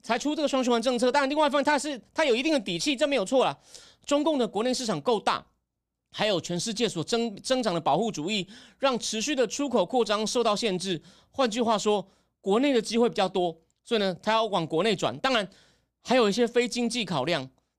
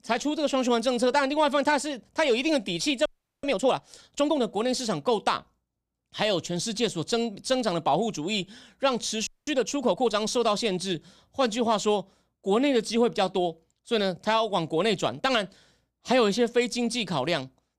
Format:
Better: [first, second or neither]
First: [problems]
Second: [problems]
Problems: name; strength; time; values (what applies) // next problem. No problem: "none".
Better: first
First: none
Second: audio freezing; at 3 s and at 9.5 s